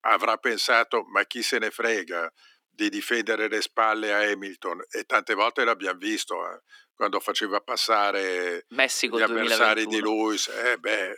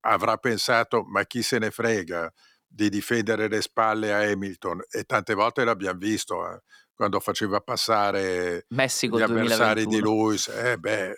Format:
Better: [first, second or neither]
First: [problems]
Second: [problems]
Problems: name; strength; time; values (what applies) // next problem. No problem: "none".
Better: second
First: thin; somewhat; fading below 250 Hz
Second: none